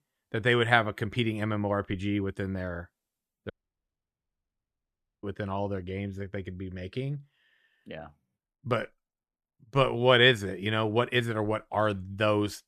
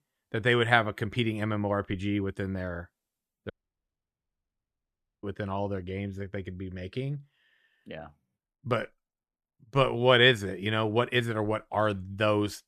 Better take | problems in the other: neither | audio cutting out; at 3.5 s for 1.5 s; the same in both

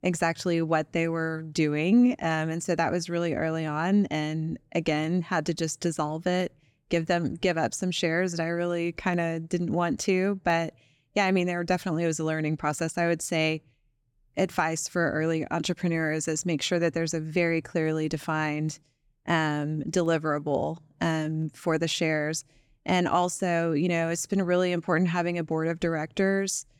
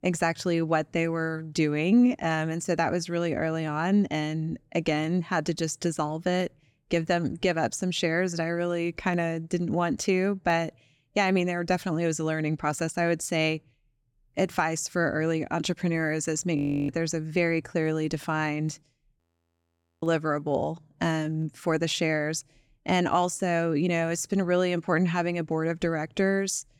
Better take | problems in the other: first | audio freezing; at 17 s and at 19 s for 1 s

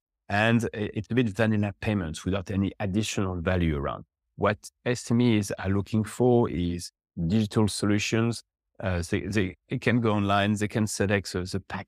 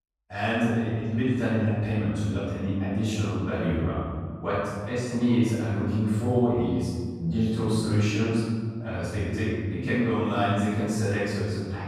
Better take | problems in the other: first | off-mic speech; far // room echo; strong; dies away in 1.8 s

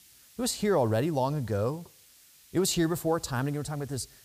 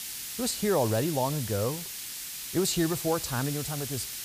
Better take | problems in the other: first | hiss; loud; throughout; 5 dB below the speech; faint in the first

